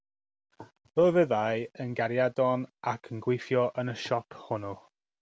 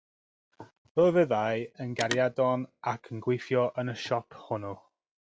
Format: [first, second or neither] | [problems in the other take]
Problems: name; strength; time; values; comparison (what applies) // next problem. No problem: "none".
first | noise reduction (classical method log-MMSE)